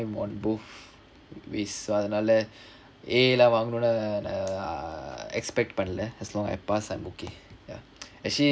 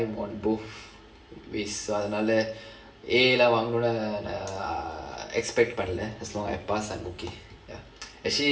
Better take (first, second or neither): first